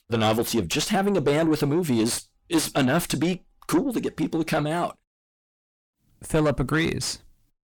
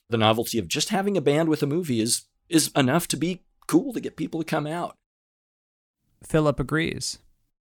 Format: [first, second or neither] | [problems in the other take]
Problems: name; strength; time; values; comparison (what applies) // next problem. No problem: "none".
second | distortion; heavy; 6 dB below the speech